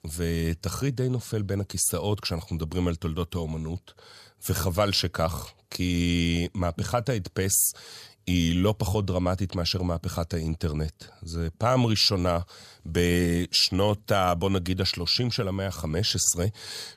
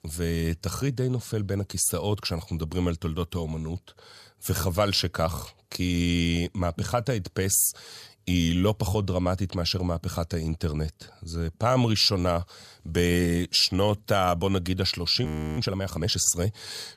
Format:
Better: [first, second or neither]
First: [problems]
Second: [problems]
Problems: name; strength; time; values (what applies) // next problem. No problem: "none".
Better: first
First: none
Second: audio freezing; at 15 s